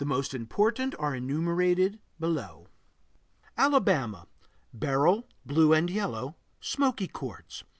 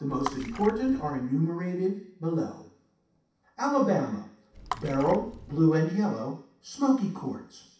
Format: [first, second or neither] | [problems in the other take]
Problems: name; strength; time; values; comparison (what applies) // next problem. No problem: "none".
first | background sound (Water / Splash, splatter); 13 dB below the speech // room echo; dies away in 0.7 s